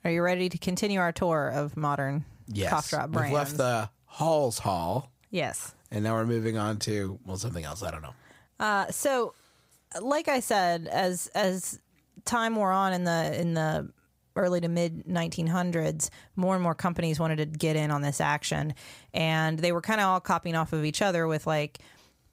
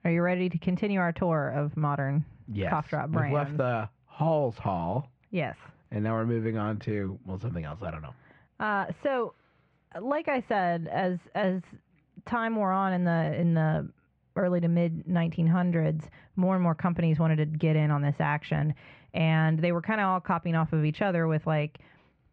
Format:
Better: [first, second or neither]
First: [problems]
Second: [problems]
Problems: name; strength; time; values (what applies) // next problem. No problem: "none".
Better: first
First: none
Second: muffled; very; fading above 2.5 kHz